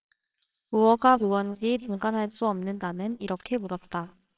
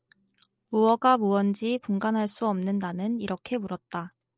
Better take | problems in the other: second | noise reduction (neural separator model SepFormer WHAMR!)

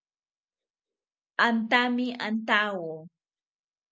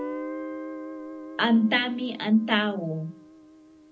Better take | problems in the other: first | background sound (Guitar); 11 dB below the speech // room echo; dies away in 0.4 s

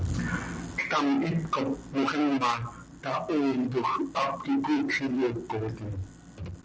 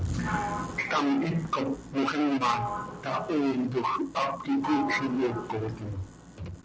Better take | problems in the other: first | background sound (Sliding door); 10 dB below the speech

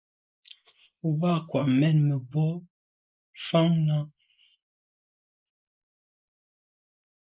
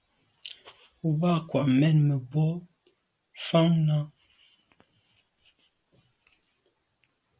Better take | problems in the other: second | noise reduction (neural mask model Resemble Enhance denoiser)

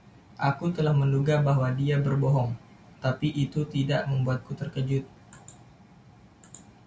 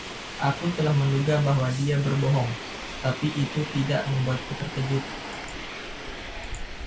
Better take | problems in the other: first | background sound (Subway, metro, underground); 9 dB below the speech

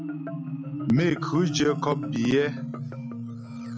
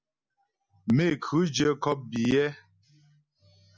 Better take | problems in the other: second | background sound (Marimba, xylophone); 5 dB below the speech

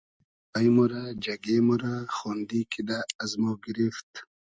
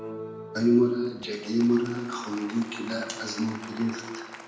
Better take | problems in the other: first | background sound (Applause); 14 dB below the speech // room echo; dies away in 1 s

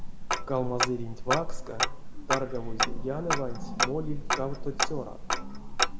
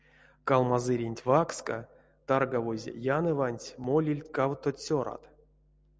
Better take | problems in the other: second | background sound (Tick-tock); 5 dB above the speech // room echo; dies away in 0.8 s

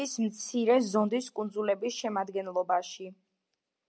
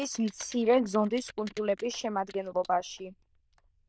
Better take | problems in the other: first | noise reduction (neural diffusion model UNIVERSE++)

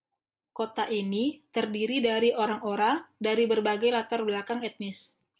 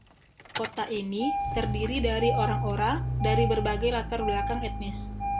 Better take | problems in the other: first | background sound (Engine starting); as loud as the speech

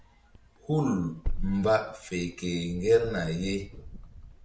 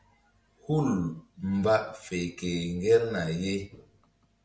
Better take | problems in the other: second | background sound (Wind); 8 dB below the speech

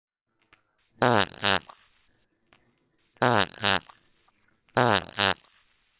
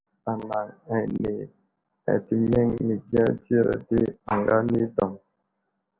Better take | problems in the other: second | noise reduction (neural separator model SepFormer WHAMR!)

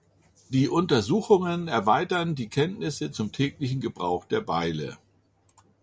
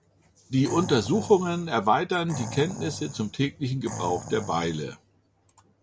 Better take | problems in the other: first | background sound (Animal); 12 dB below the speech

